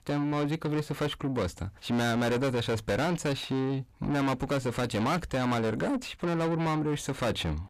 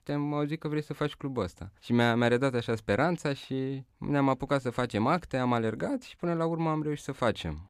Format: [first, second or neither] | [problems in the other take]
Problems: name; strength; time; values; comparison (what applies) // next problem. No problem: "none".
second | distortion; heavy; 6 dB below the speech